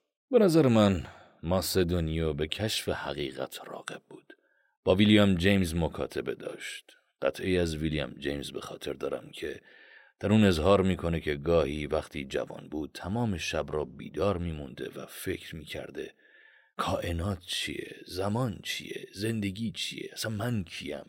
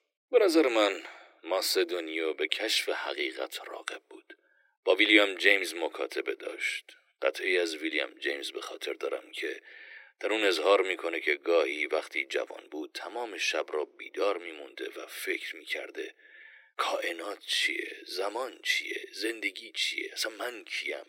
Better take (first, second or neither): first